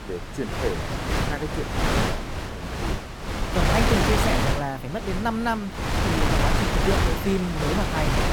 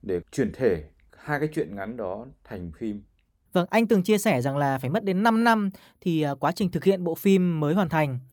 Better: second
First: wind noise on the microphone; heavy; 4 dB above the speech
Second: none

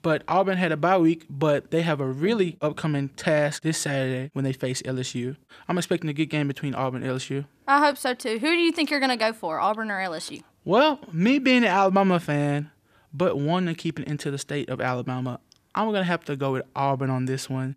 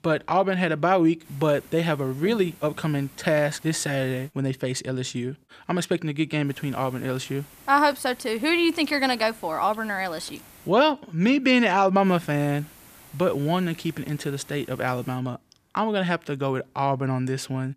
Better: first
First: none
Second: hiss; faint; from 1.5 to 4.5 s, from 6.5 to 11 s and from 12 to 15 s; 25 dB below the speech

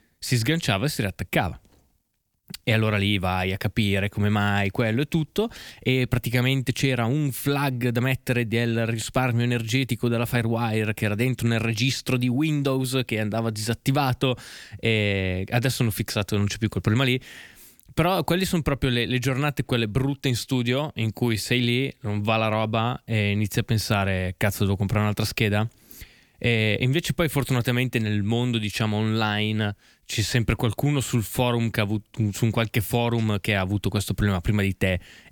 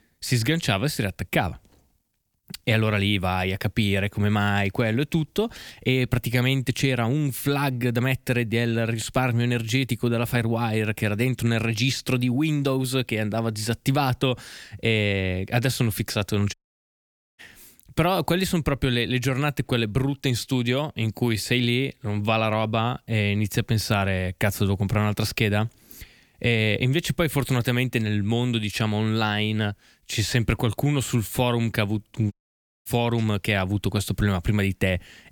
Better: first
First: none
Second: audio cutting out; at 17 s for 1 s and at 32 s for 0.5 s

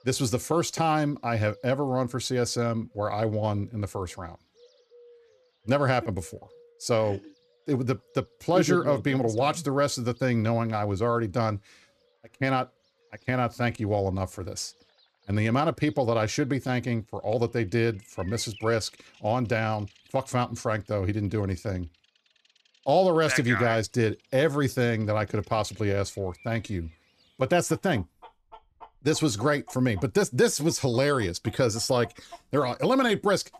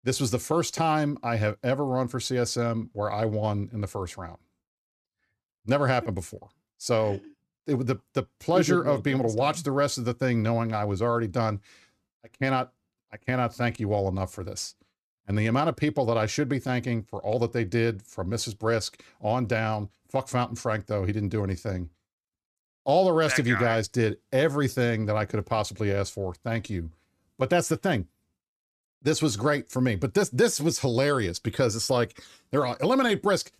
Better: second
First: animal sounds; faint; throughout; 30 dB below the speech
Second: none

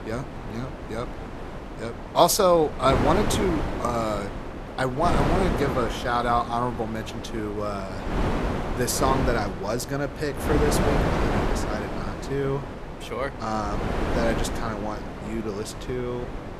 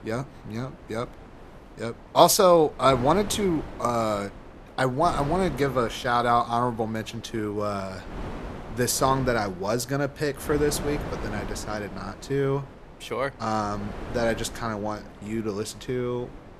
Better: second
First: wind noise on the microphone; heavy; 5 dB below the speech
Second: wind noise on the microphone; occasional gusts; 15 dB below the speech

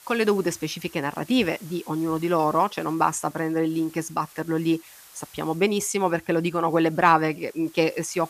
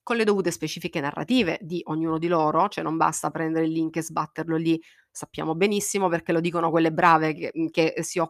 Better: second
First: hiss; faint; throughout; 25 dB below the speech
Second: none

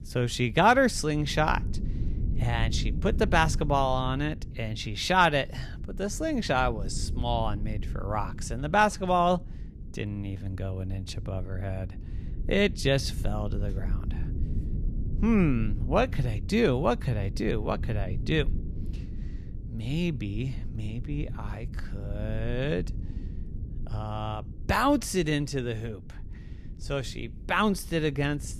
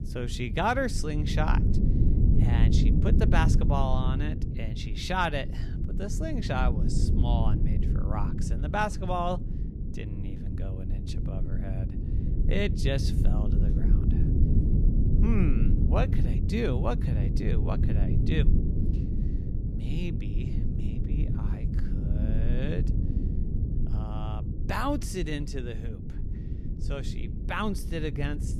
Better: first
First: low rumble; faint; throughout; 20 dB below the speech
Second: low rumble; loud; throughout; 8 dB below the speech

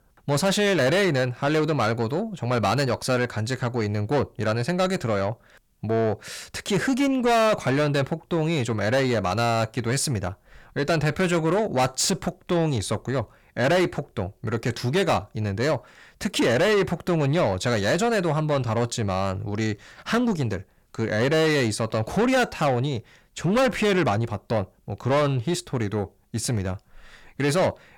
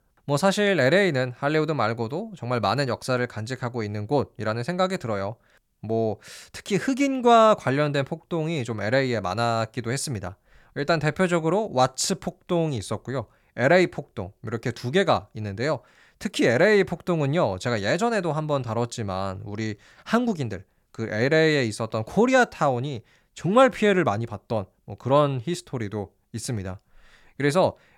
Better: second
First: distortion; heavy; 7 dB below the speech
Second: none

